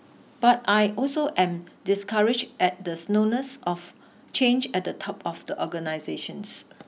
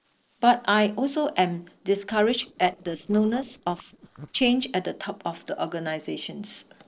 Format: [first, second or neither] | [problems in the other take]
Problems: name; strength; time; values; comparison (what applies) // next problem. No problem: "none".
first | noise reduction (neural separator model SepFormer DNS4)